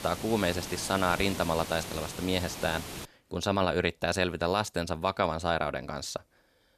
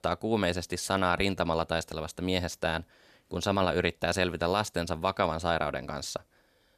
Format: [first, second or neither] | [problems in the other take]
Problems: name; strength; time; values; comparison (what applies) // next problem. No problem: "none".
second | hiss; loud; until 3 s; 9 dB below the speech